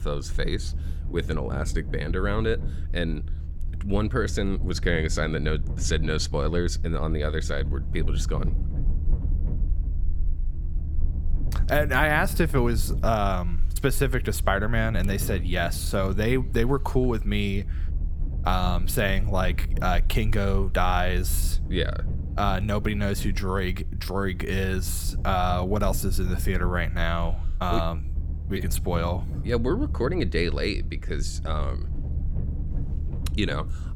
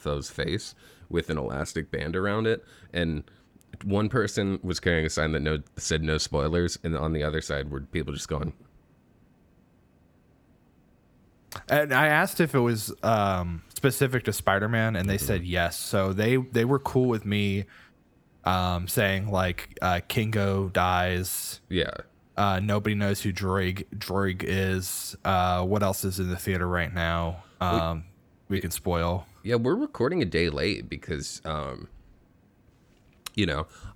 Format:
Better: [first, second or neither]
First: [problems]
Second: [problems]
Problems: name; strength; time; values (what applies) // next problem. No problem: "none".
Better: second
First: low rumble; noticeable; throughout; 20 dB below the speech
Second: none